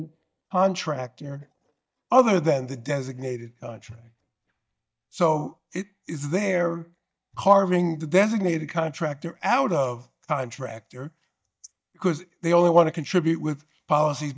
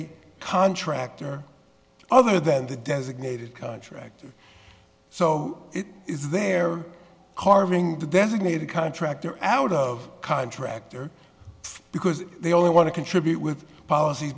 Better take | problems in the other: second | noise reduction (neural mask model DeepFilterNet 3)

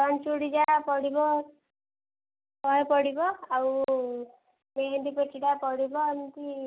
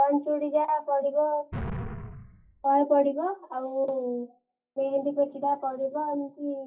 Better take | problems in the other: first | noise reduction (classical method WPE with log-MMSE)

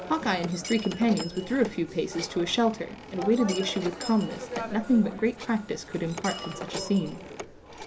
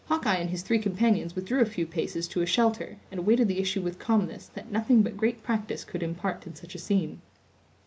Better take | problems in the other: second | background sound (Telephone + Shatter); 11 dB below the speech

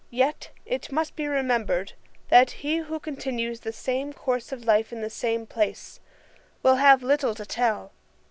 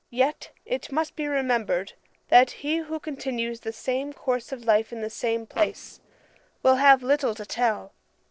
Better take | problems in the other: first | noise reduction (neural separator model SepFormer DNS4)

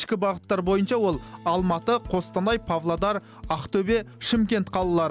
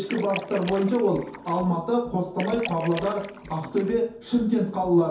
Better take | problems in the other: first | background sound (Splash, splatter); 14 dB below the speech // room echo; dies away in 0.6 s

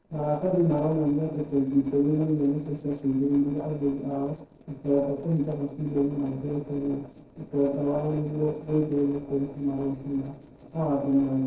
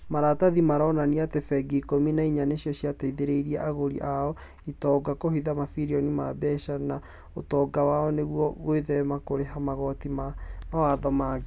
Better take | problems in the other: second | noise reduction (neural separator model SepFormer DNS4)

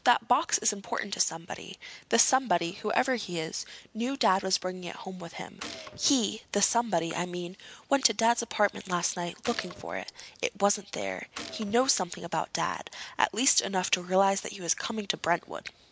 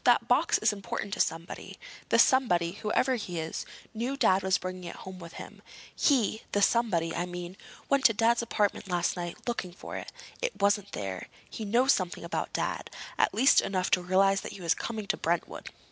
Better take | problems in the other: second | background sound (Gunshot, gunfire); 16 dB below the speech

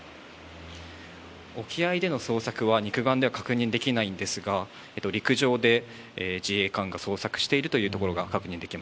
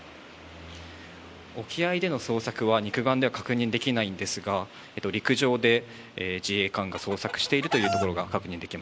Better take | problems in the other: first | background sound (Chicken, rooster); 5 dB below the speech

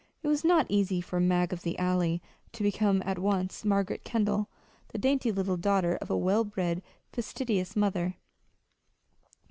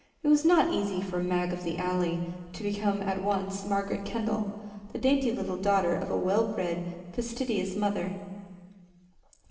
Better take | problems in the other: first | room echo; dies away in 1.9 s

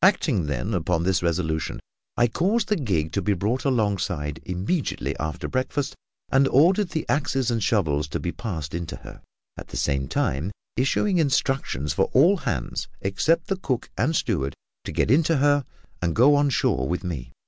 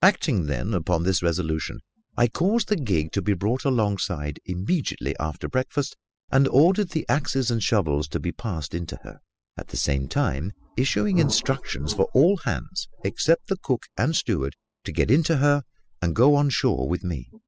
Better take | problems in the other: first | noise reduction (classical method spectral subtraction)

